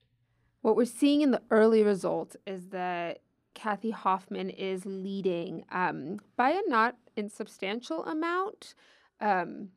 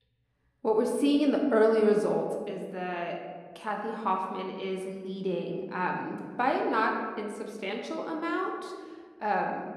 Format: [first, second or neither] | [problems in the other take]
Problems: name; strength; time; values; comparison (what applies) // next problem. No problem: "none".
first | room echo; slight; dies away in 1.3 s